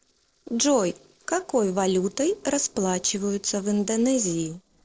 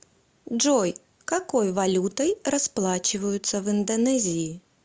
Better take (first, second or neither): second